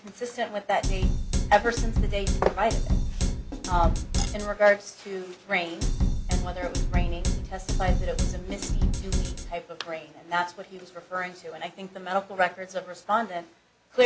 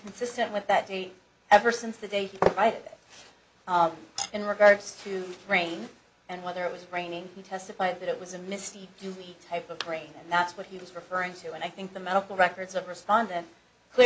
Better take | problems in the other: second | background sound (Drum kit); 4 dB above the speech

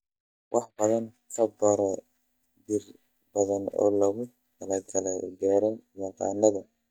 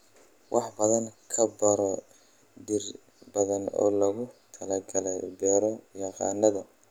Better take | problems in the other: second | noise reduction (neural mask model DeepFilterNet 3)

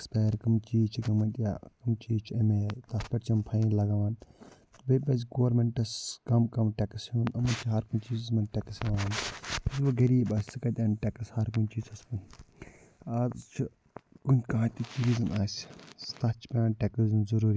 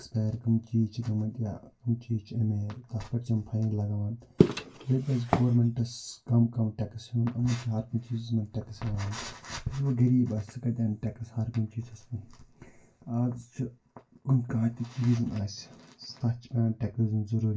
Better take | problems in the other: first | background sound (Walk, footsteps); as loud as the speech // room echo; dies away in 0.2 s

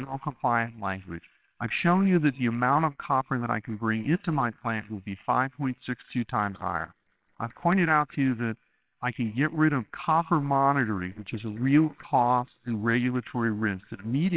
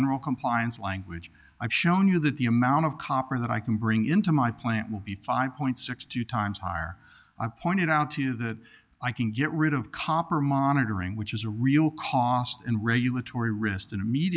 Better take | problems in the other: second | noise reduction (neural separator model SepFormer WHAMR!)

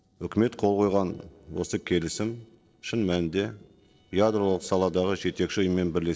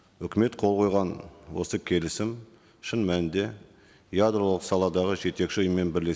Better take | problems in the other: second | noise reduction (neural separator model SepFormer DNS4)

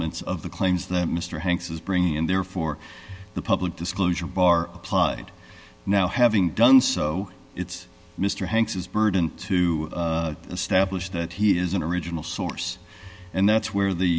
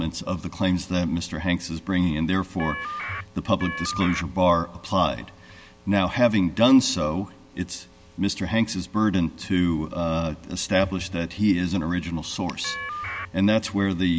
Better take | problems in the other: first | background sound (Telephone); 7 dB below the speech

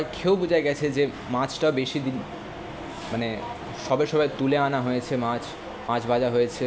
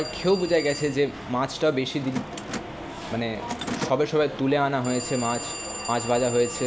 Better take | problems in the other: first | background sound (Mechanisms + Telephone); 11 dB below the speech

